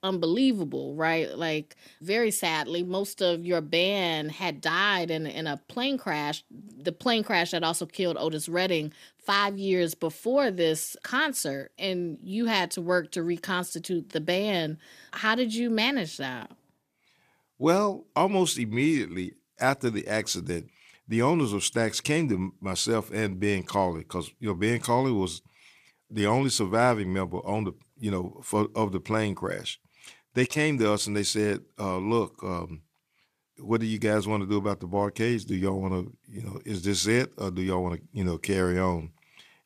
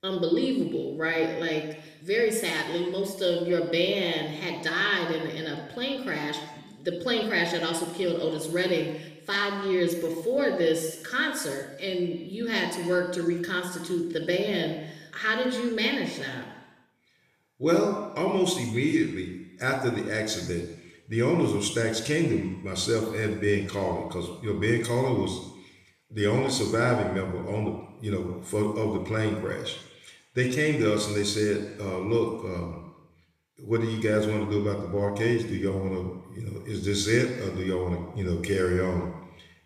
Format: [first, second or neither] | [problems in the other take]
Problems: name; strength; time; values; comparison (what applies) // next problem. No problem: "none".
first | room echo; noticeable; dies away in 0.9 s // off-mic speech; somewhat distant